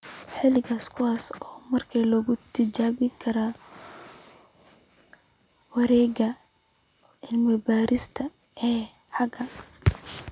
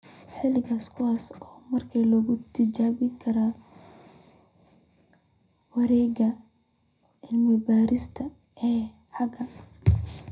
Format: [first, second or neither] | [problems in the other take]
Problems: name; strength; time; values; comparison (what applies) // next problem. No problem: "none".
first | room echo; dies away in 0.4 s